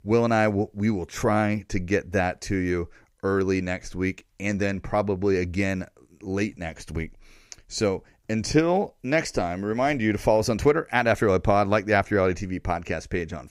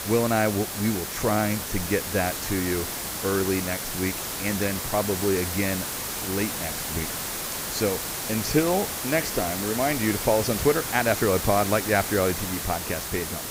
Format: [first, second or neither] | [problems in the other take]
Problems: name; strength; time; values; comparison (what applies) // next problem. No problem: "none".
first | hiss; loud; throughout; 3 dB below the speech